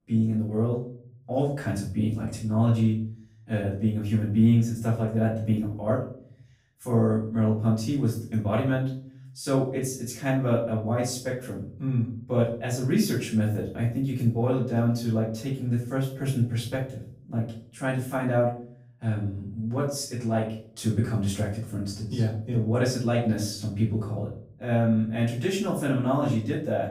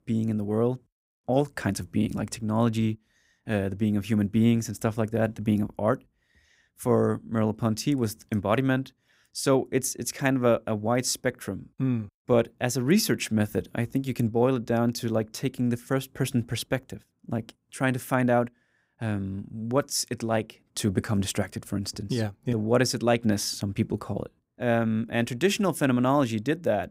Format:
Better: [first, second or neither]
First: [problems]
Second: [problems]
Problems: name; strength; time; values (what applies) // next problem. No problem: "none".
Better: second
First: off-mic speech; far // room echo; noticeable; dies away in 0.5 s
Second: none